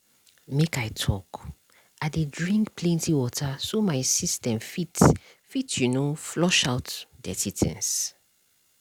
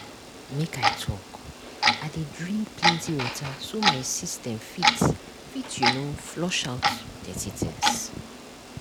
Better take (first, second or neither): first